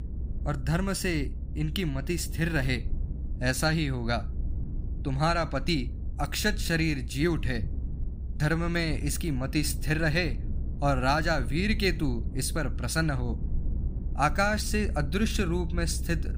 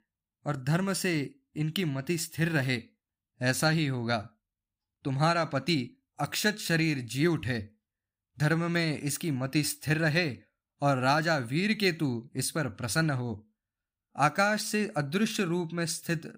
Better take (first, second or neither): second